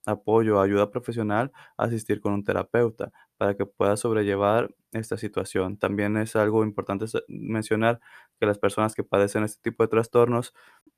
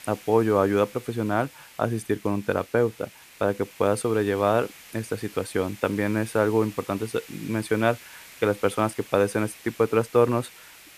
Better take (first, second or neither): first